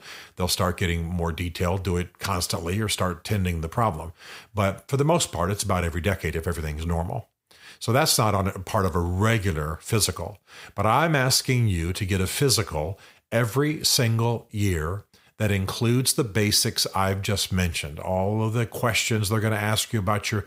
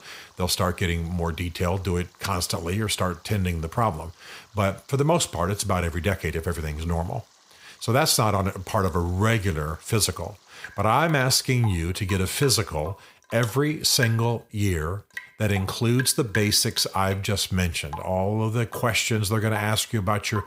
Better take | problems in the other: first | rain or running water; noticeable; throughout; 15 dB below the speech

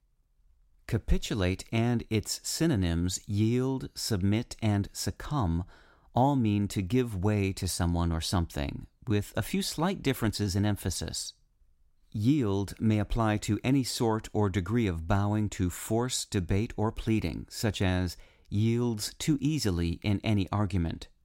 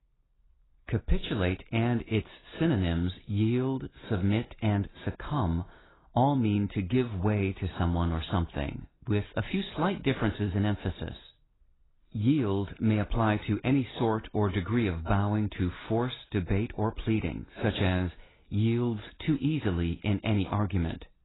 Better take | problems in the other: first | garbled, watery; badly; nothing above 4 kHz

